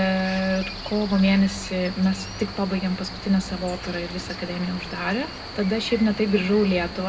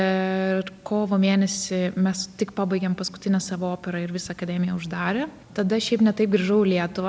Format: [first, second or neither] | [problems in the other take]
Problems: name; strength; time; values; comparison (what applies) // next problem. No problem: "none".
second | background sound (Cricket); 11 dB below the speech // room echo; dies away in 0.2 s